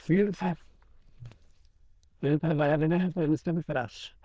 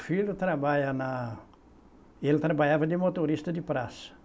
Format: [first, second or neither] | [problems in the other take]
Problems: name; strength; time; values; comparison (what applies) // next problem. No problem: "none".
second | noise reduction (neural diffusion model UNIVERSE++)